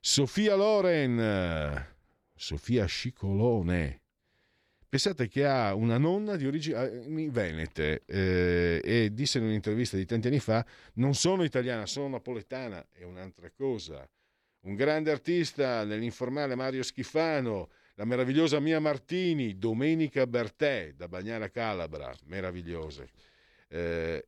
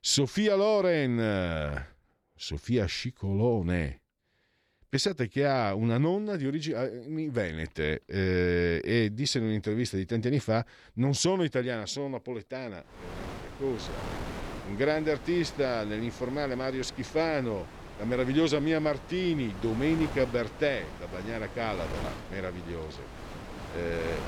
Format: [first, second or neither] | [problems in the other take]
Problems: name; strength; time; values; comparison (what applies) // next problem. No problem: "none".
first | wind noise on the microphone; occasional gusts; from 13 s on; 10 dB below the speech